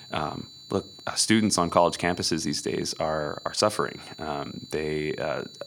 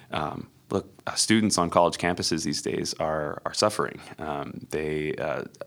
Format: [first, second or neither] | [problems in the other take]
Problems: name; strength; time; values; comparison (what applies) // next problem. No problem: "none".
second | high-pitched whine; noticeable; throughout; 4 kHz, 20 dB below the speech